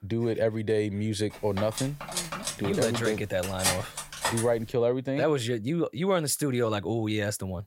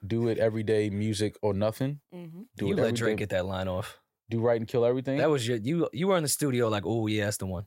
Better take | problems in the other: second | clattering dishes; loud; from 1.5 to 4.5 s; peak 1 dB above the speech

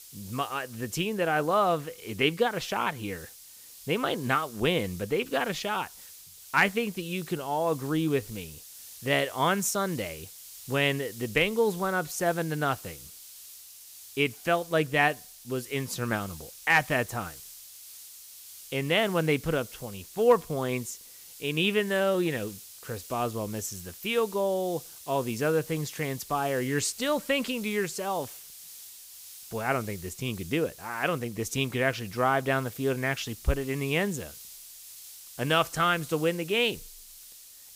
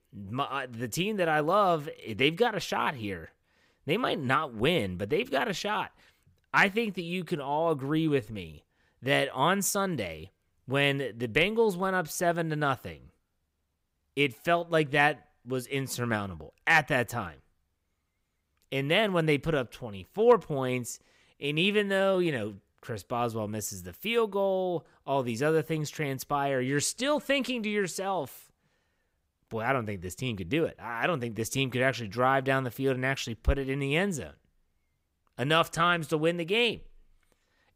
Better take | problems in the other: second | hiss; noticeable; throughout; 15 dB below the speech

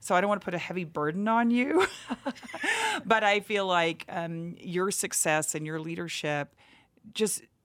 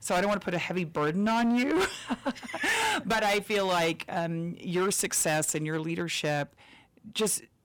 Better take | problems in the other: first | distortion; heavy; 13% of the sound clipped

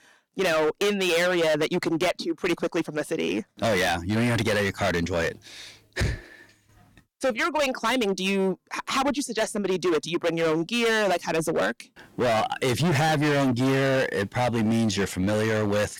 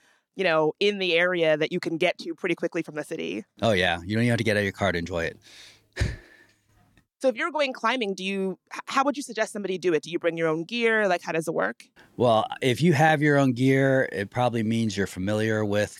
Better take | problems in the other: second | distortion; heavy; 21% of the sound clipped

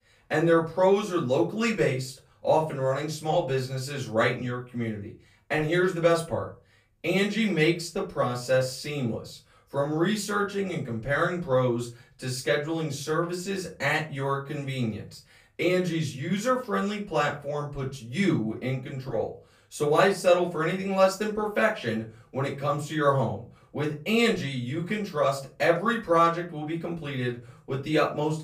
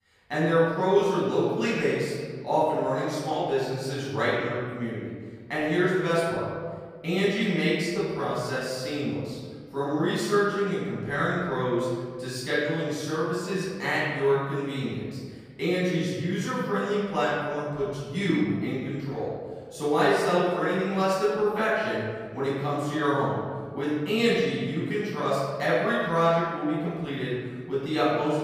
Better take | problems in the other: first | room echo; strong; dies away in 1.6 s; slight in the first // off-mic speech; far; far in the first

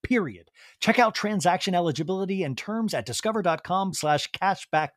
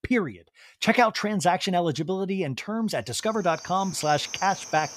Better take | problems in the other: first | animal sounds; noticeable; from 3.5 s on; 15 dB below the speech

